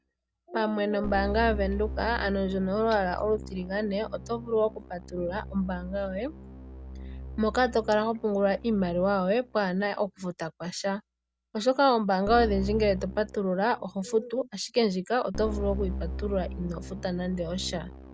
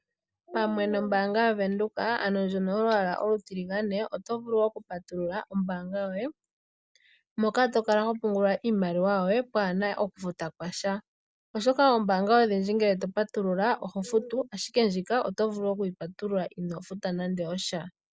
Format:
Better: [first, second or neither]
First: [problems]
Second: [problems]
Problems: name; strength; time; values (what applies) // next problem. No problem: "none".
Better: second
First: background sound (Keyboard (musical)); 11 dB below the speech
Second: none